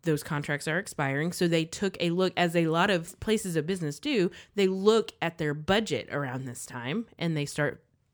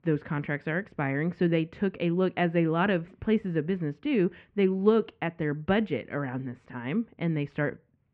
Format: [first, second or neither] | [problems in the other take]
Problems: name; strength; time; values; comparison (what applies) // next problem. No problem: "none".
first | muffled; very; fading above 2.5 kHz